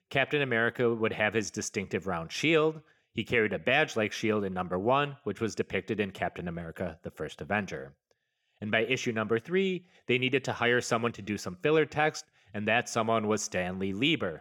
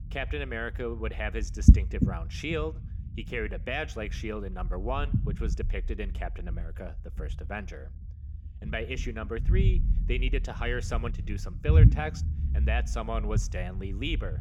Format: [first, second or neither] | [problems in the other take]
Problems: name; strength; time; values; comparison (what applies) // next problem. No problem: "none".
first | low rumble; loud; throughout; 6 dB below the speech